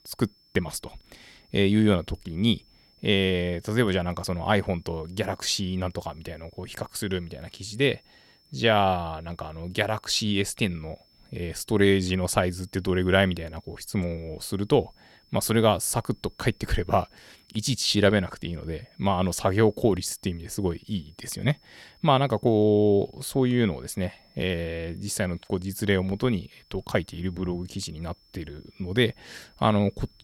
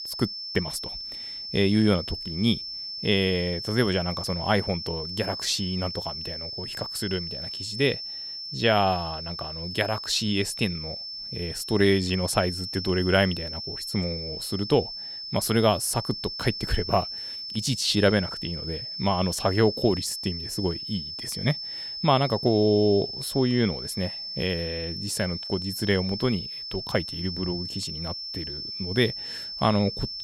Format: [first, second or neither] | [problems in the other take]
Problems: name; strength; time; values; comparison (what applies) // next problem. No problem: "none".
first | high-pitched whine; loud; throughout; 5.5 kHz, 6 dB below the speech; faint in the first